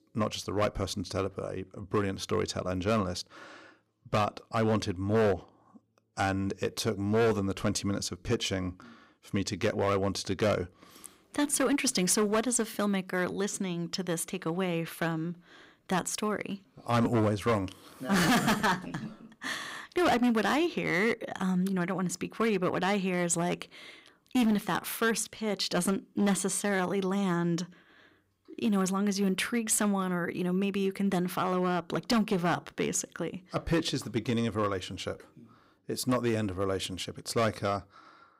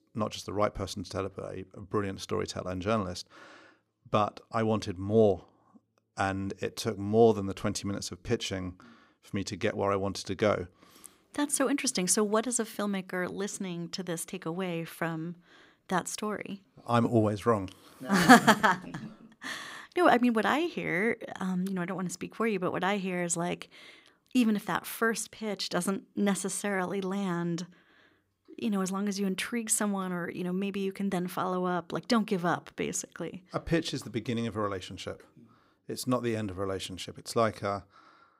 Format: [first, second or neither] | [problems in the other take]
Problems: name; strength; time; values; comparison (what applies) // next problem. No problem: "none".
second | distortion; heavy; 5% of the sound clipped